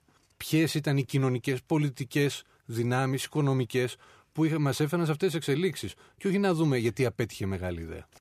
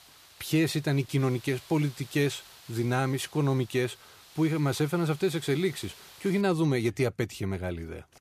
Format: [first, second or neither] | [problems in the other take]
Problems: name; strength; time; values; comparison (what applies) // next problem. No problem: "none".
first | hiss; faint; until 6.5 s; 20 dB below the speech